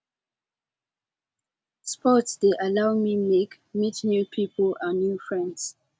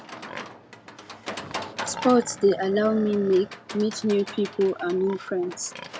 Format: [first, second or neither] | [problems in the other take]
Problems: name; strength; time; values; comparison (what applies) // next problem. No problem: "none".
first | background sound (Livestock, farm animals, working animals); 13 dB below the speech